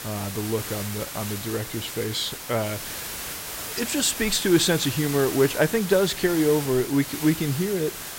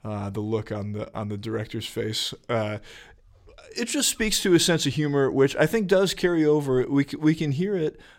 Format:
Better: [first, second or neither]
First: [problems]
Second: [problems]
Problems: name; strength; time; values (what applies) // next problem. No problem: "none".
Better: second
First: hiss; loud; throughout; 8 dB below the speech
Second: none